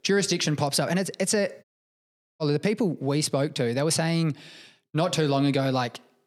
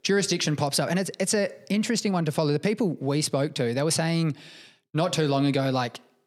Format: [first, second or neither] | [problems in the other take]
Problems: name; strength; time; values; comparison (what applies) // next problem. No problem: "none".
second | audio cutting out; at 1.5 s for 1 s